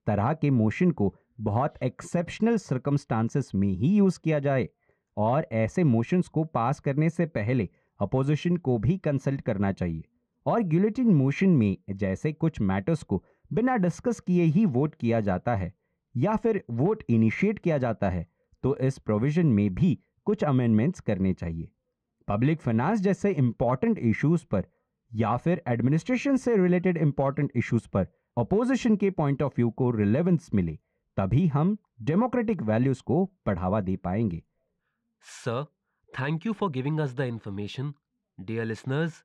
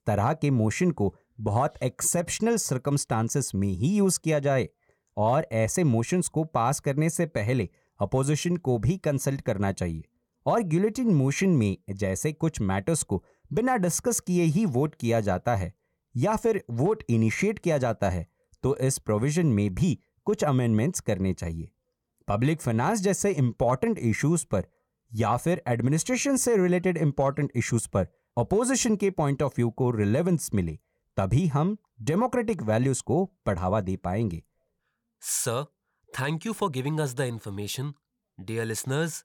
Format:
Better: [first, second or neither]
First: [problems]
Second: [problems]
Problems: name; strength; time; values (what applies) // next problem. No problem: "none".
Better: second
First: muffled; slightly; fading above 2.5 kHz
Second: none